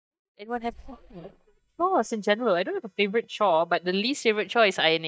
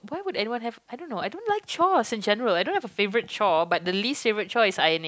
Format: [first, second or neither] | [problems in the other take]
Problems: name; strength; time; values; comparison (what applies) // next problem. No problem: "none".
second | noise reduction (neural mask model DeepFilterNet 3)